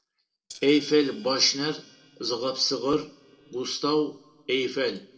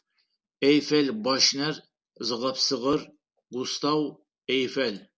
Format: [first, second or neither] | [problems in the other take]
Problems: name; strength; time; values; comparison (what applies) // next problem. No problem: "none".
second | noise reduction (neural separator model SepFormer DNS4)